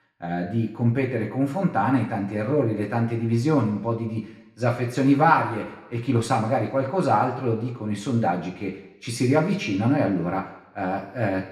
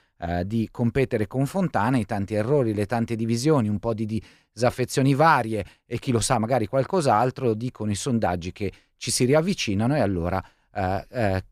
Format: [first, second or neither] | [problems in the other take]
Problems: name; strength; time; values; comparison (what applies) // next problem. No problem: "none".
second | room echo; slight; dies away in 1 s // off-mic speech; far